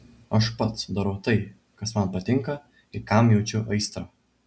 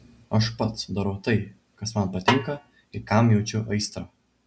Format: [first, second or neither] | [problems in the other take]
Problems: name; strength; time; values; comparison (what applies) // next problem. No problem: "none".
first | background sound (Snare drum); 4 dB below the speech